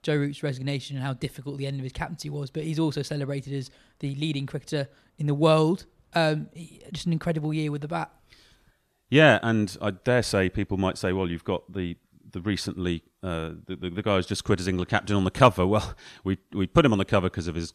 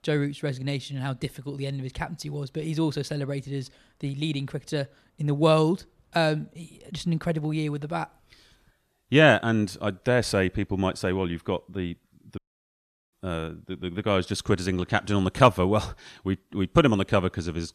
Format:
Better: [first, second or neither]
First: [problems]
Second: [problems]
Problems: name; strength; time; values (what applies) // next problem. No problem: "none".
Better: first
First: none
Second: audio cutting out; at 12 s for 0.5 s